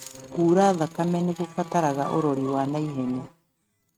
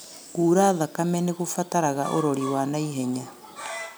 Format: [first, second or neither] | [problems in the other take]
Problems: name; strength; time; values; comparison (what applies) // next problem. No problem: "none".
second | noise reduction (neural mask model RNNoise)